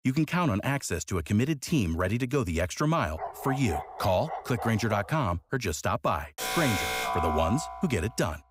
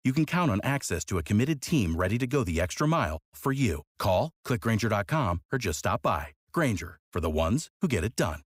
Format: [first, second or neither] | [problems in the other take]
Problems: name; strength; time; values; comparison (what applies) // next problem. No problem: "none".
second | dog barking; noticeable; from 3 to 5 s; peak 7 dB below the speech // alarm; loud; from 6.5 s on; peak level with the speech